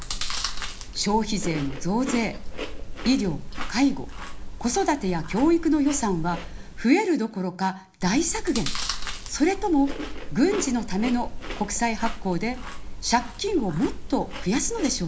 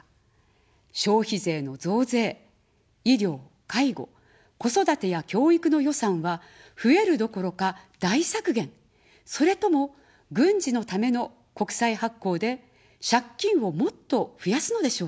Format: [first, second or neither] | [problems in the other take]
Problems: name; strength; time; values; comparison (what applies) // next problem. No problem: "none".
second | background sound (Chewing, mastication); 6 dB below the speech // room echo; dies away in 0.4 s